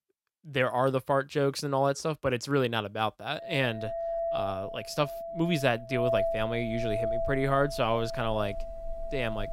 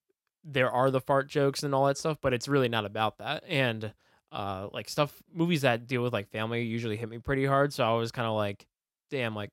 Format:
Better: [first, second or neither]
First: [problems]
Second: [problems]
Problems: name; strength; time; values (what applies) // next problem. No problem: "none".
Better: second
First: household noises; loud; from 3.5 s on; 5 dB below the speech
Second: none